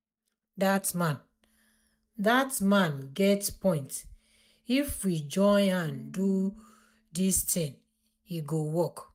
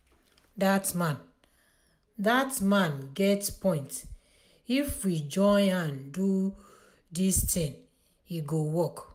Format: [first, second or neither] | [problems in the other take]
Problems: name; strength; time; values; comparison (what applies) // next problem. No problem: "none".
second | noise reduction (neural mask model DeepFilterNet 3)